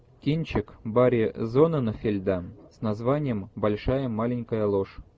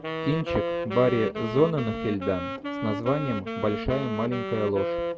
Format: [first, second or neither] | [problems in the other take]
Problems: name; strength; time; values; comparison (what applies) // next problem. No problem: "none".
first | background sound (Wind instrument, woodwind instrument); 4 dB below the speech